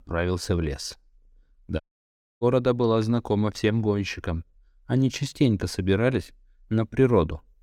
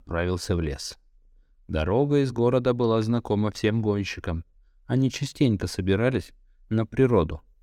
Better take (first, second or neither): second